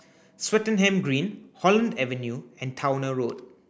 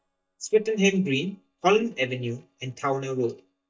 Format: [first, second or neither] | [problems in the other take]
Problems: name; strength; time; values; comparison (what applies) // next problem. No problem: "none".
first | noise reduction (neural mask model DeepFilterNet 3)